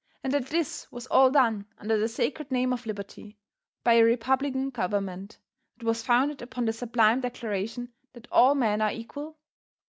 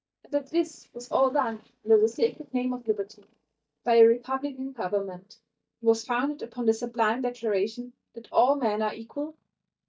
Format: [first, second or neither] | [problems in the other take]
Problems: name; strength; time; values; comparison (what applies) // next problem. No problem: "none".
first | noise reduction (neural mask model DeepFilterNet 3)